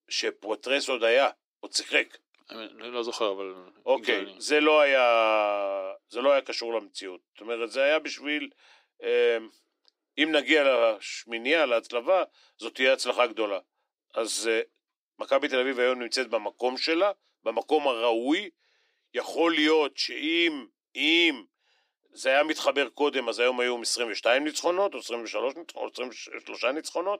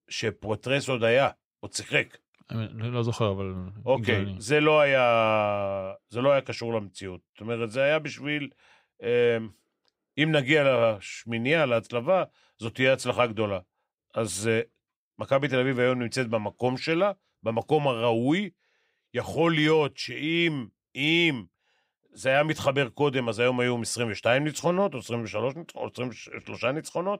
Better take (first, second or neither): second